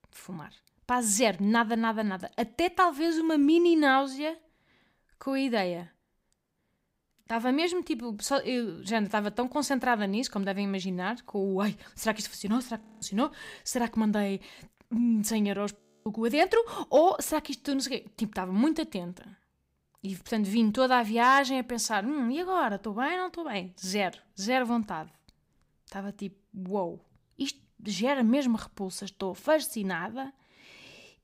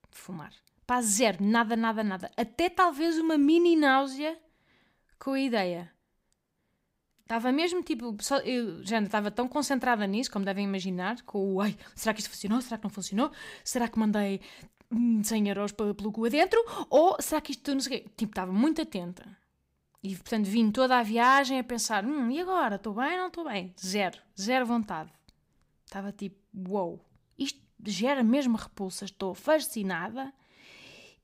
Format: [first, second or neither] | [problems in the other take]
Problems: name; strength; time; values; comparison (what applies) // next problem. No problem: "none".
second | audio freezing; at 13 s and at 16 s